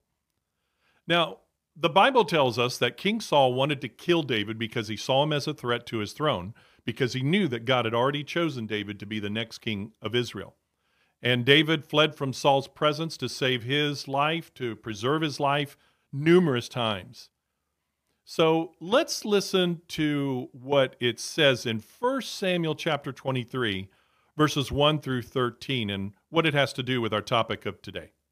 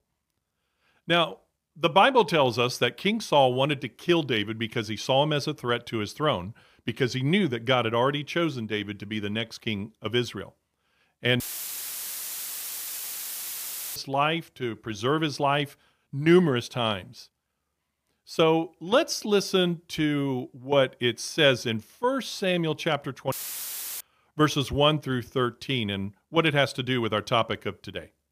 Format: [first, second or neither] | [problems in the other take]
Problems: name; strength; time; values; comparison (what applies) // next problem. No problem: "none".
first | audio cutting out; filled with static; at 11 s for 2.5 s and at 23 s for 0.5 s